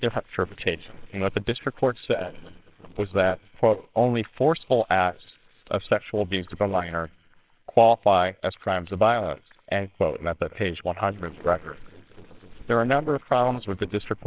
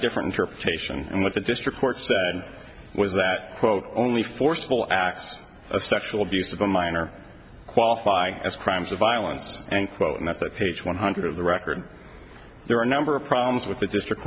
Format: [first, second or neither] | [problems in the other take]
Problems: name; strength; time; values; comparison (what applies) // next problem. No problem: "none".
second | noise reduction (neural separator model SepFormer WHAMR!)